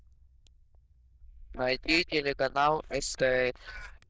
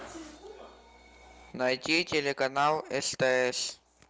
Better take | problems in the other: second | noise reduction (neural diffusion model UNIVERSE++)

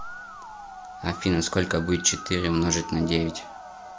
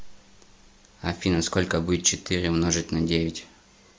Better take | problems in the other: second | background sound (Musical instrument); 13 dB below the speech

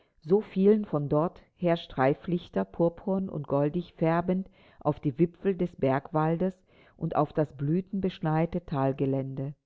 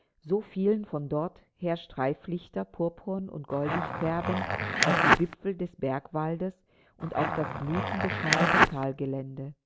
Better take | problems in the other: first | background sound (Zipper (clothing)); 5 dB above the speech

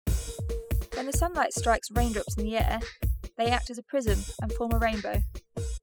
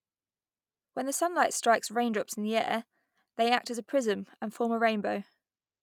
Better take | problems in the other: second | noise reduction (classical method spectral subtraction)

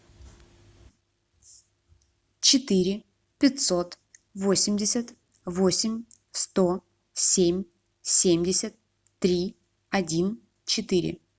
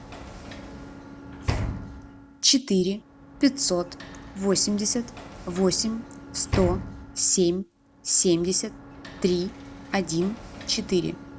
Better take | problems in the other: first | background sound (Sliding door / Slam); 10 dB below the speech

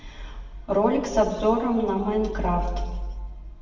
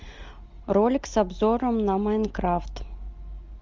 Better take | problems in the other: second | room echo; dies away in 1.3 s

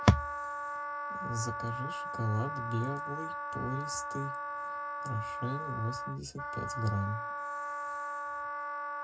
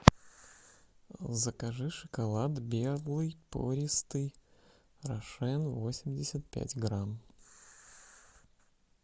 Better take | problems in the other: second | background sound (Wind instrument, woodwind instrument); 2 dB below the speech // room echo; dies away in 0.2 s

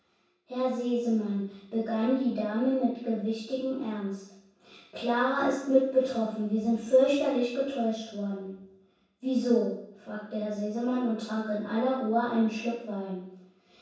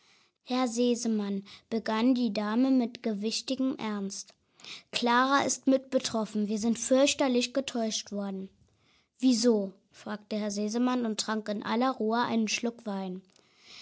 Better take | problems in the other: second | room echo; dies away in 0.7 s

